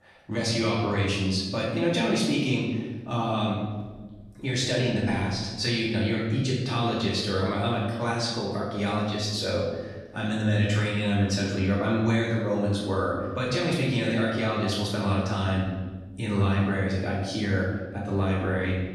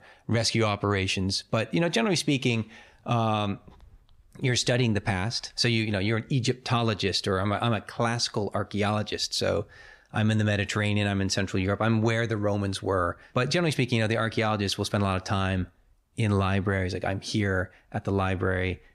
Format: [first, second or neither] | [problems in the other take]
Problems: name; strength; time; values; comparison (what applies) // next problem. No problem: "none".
second | off-mic speech; far // room echo; noticeable; dies away in 1.2 s